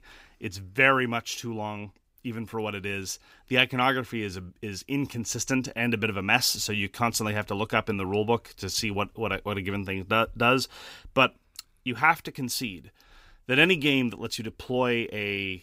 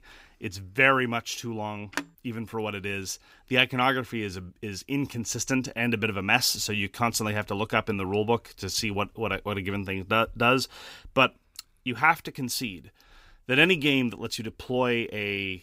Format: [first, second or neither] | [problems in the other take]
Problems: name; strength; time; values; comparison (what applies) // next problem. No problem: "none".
first | phone ringing; noticeable; at 2 s; peak 9 dB below the speech